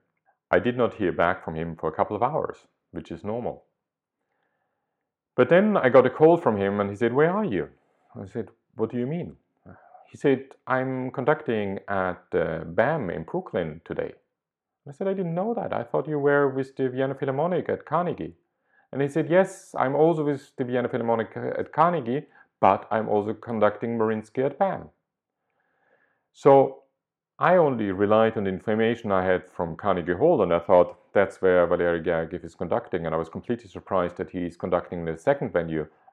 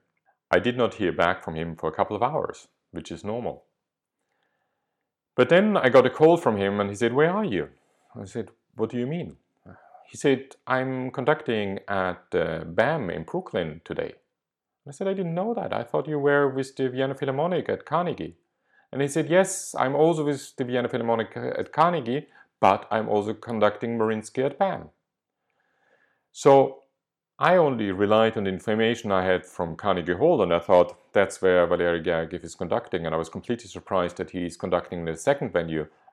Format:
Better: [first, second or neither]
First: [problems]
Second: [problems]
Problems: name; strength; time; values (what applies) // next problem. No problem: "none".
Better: second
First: muffled; slightly; fading above 3 kHz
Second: none